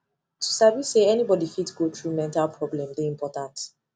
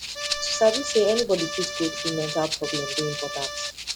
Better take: first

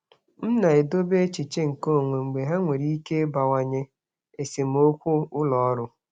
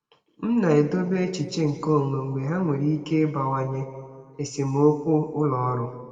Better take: first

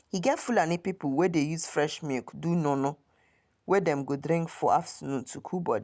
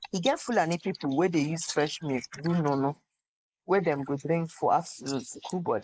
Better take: first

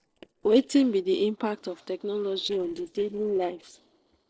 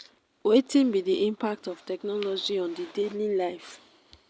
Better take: second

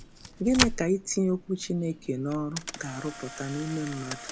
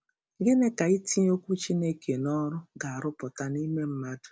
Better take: second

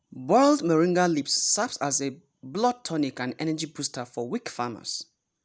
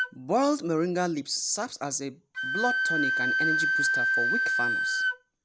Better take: first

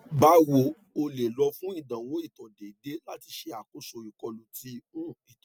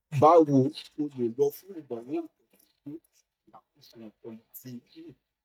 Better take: first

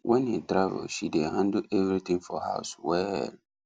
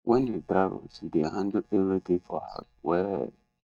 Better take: first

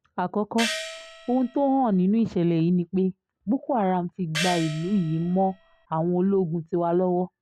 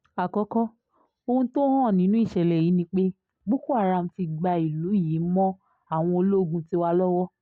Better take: second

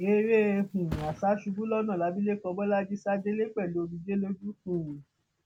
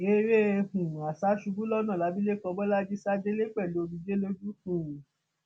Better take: second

